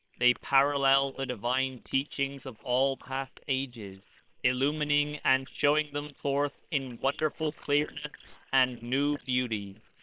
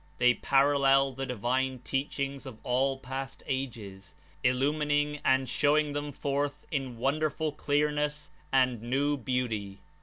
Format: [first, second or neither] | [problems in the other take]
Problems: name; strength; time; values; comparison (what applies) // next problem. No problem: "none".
second | noise reduction (neural separator model SepFormer WHAM!)